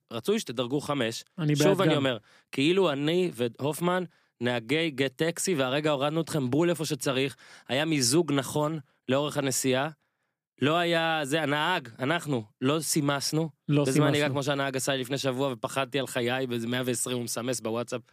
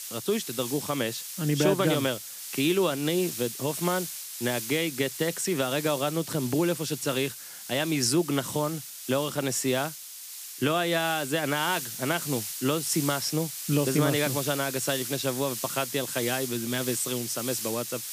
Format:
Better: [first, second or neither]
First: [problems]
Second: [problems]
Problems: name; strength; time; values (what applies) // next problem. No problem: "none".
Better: first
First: none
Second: hiss; loud; throughout; 7 dB below the speech